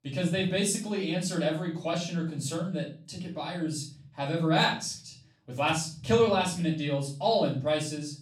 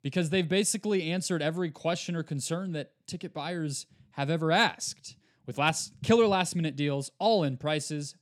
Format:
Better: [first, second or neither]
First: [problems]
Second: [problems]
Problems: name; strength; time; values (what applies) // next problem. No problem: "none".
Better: second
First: room echo; slight; dies away in 0.4 s // off-mic speech; far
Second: none